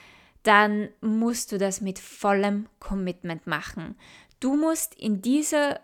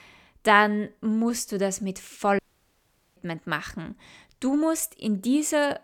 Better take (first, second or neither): first